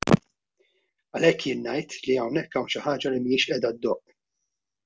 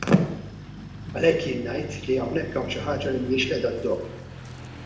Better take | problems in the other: first | background sound (Truck); 11 dB below the speech // room echo; dies away in 0.8 s

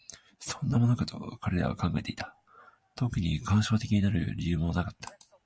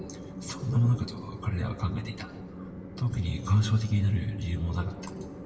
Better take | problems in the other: first | background sound (Train); 11 dB below the speech // room echo; dies away in 0.9 s

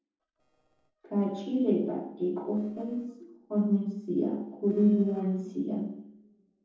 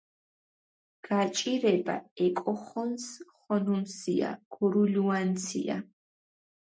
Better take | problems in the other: second | noise reduction (neural separator model SepFormer DNS4)

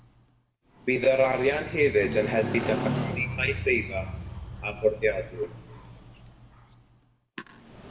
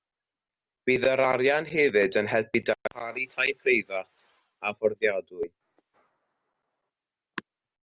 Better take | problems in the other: second | background sound (Motorcycle); 7 dB below the speech // room echo; dies away in 0.8 s

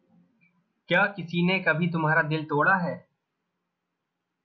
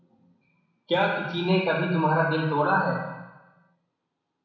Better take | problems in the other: first | room echo; dies away in 1 s

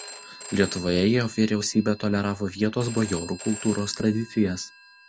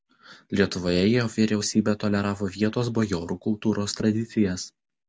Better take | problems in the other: second | background sound (Telephone); 16 dB below the speech

